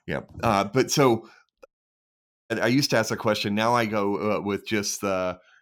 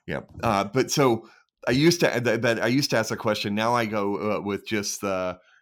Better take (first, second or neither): second